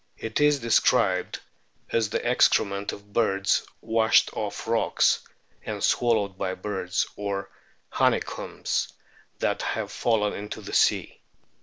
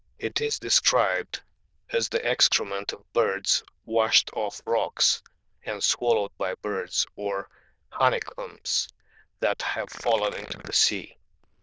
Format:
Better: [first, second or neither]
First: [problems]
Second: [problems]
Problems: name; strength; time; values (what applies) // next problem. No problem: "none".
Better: first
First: none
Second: noise reduction (neural diffusion model UNIVERSE++)